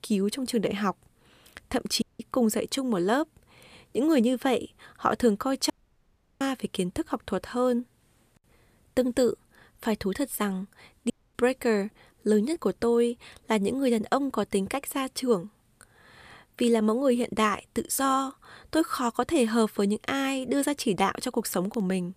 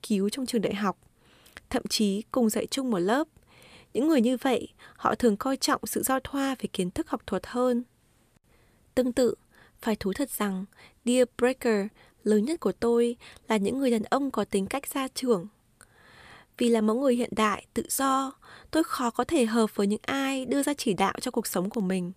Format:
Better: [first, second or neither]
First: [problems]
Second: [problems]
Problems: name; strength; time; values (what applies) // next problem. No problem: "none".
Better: second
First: audio cutting out; at 2 s, at 5.5 s for 0.5 s and at 11 s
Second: none